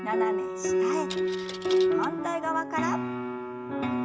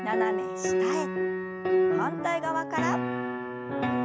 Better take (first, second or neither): second